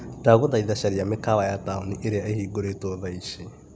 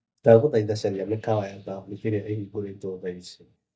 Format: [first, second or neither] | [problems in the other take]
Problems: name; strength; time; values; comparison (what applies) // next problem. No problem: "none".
first | noise reduction (neural mask model DeepFilterNet 3)